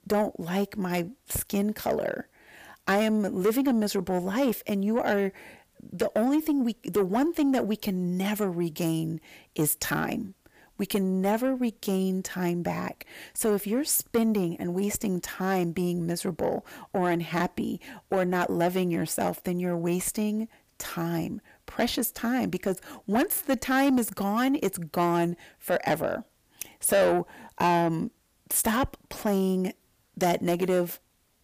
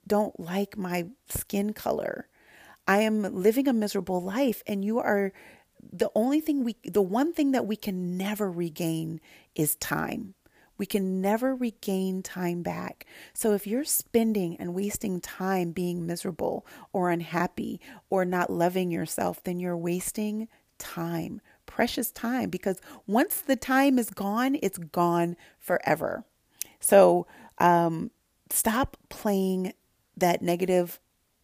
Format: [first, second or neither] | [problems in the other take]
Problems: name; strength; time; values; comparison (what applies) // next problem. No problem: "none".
second | distortion; slight; 10 dB below the speech